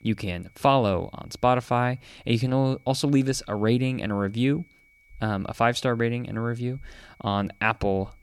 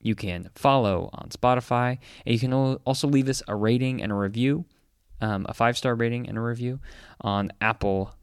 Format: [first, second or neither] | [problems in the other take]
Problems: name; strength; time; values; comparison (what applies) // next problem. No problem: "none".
second | high-pitched whine; faint; throughout; 2.5 kHz, 35 dB below the speech